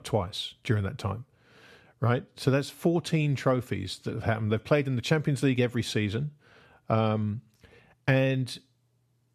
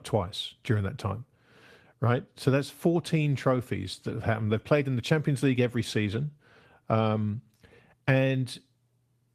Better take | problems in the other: first | garbled, watery; slightly; nothing above 14.5 kHz

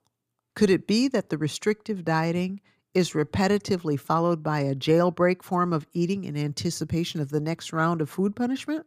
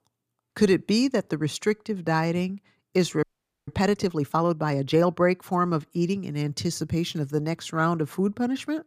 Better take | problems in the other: first | audio freezing; at 3 s

